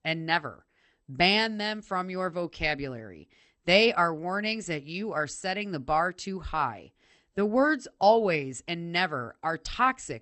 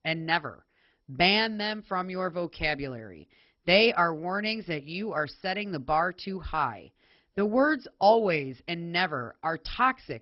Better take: first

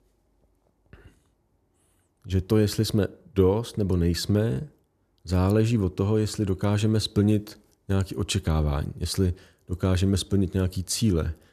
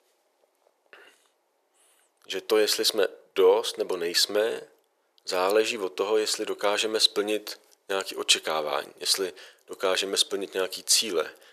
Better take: first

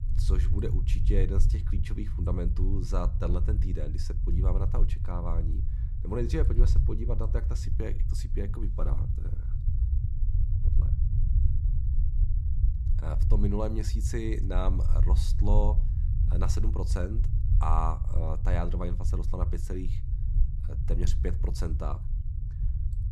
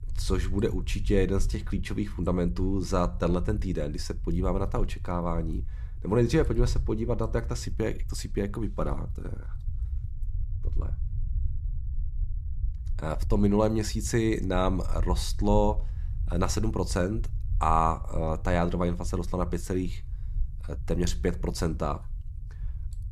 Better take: second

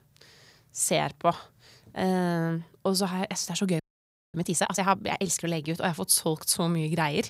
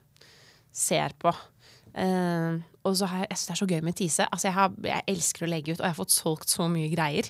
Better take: second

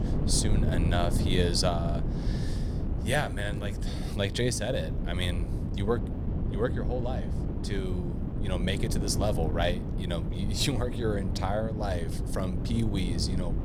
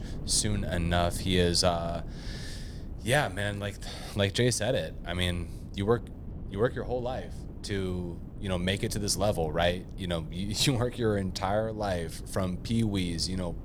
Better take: second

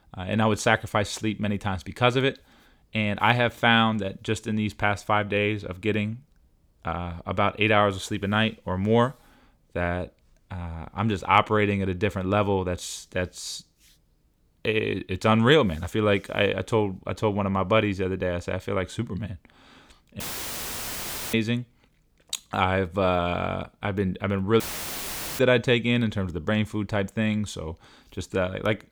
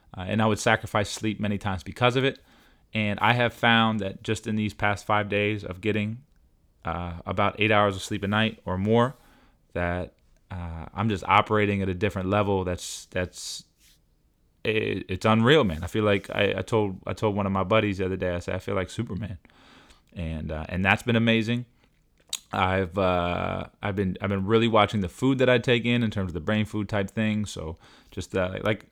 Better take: second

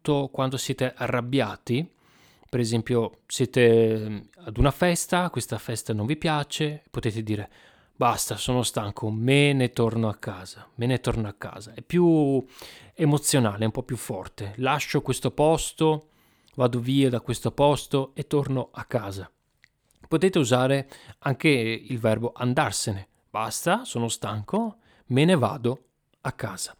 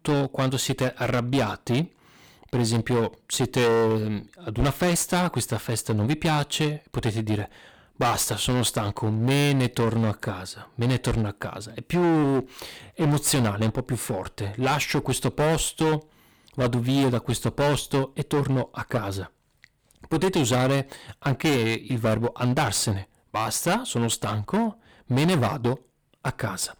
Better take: first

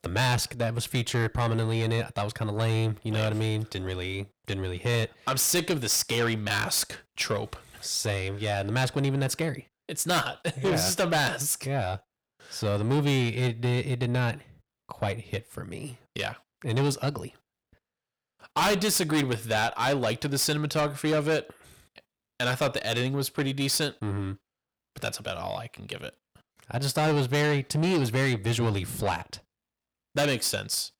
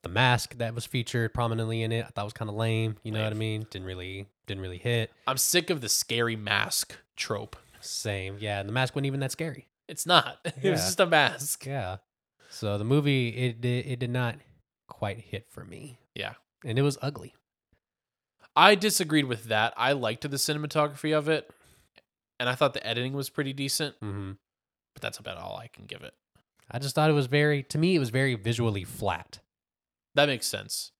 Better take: second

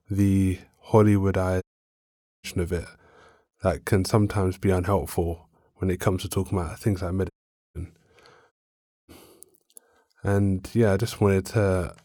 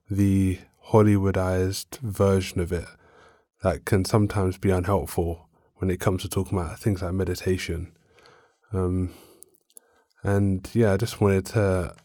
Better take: second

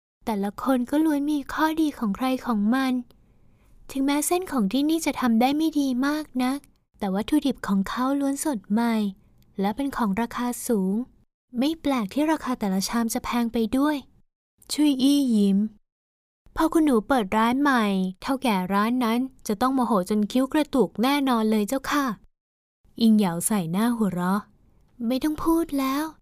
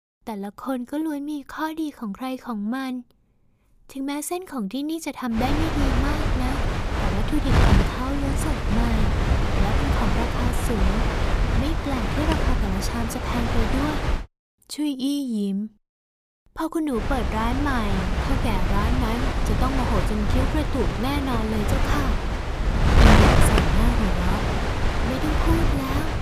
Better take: first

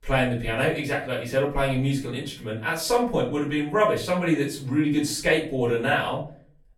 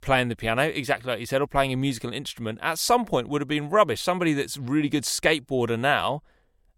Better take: second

